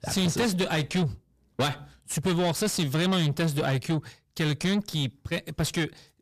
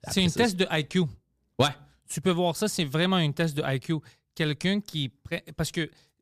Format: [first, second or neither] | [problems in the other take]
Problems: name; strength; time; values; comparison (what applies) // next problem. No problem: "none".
second | distortion; heavy; 7 dB below the speech